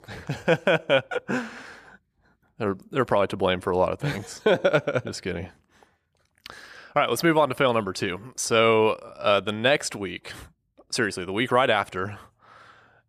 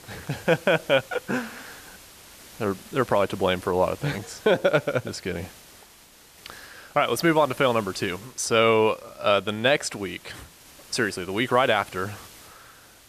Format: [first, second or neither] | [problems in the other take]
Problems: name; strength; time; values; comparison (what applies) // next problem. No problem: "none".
first | hiss; faint; throughout; 20 dB below the speech